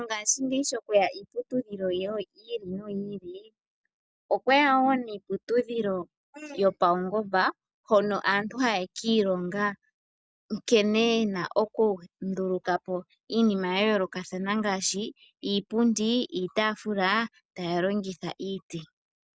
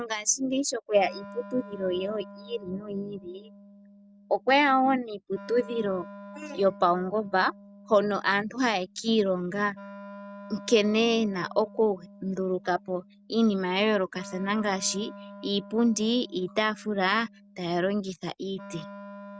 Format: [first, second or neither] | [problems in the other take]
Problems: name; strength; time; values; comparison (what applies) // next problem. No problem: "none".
first | background sound (Wind instrument, woodwind instrument); 18 dB below the speech